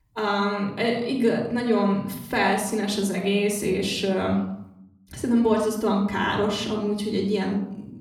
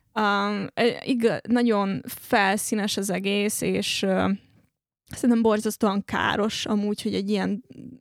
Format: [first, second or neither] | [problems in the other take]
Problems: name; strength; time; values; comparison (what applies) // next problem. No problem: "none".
second | off-mic speech; somewhat distant // room echo; noticeable; dies away in 0.7 s